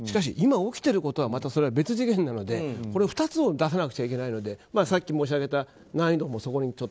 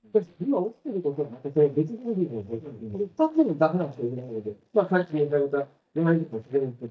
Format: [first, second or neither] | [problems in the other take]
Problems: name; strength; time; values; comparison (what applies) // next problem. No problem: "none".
first | noise reduction (neural mask model DeepFilterNet 3)